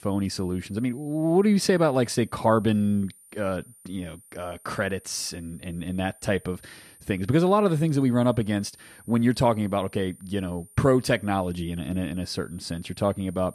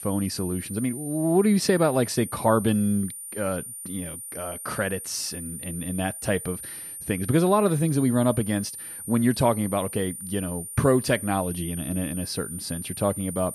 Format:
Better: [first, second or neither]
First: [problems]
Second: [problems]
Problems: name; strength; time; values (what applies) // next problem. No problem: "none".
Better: first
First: high-pitched whine; faint; throughout; 9 kHz, 25 dB below the speech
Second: high-pitched whine; loud; throughout; 9 kHz, 9 dB below the speech